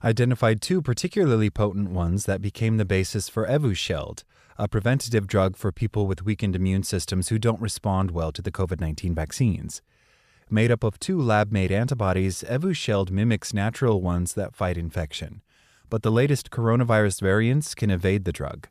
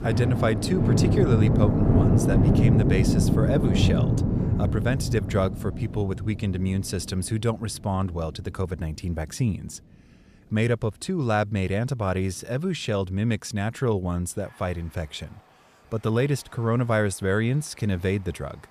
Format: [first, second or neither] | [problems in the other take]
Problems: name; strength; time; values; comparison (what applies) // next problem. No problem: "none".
first | rain or running water; very loud; throughout; 4 dB above the speech